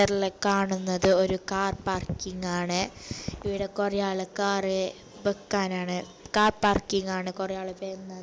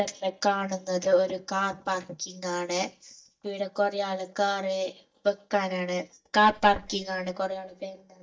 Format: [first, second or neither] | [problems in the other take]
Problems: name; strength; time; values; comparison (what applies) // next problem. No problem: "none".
first | noise reduction (neural mask model DeepFilterNet 3)